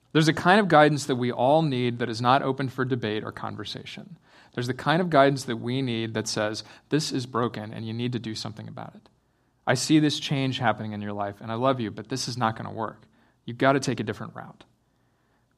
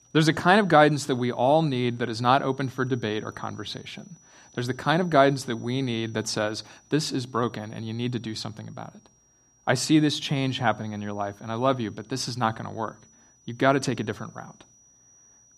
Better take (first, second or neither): first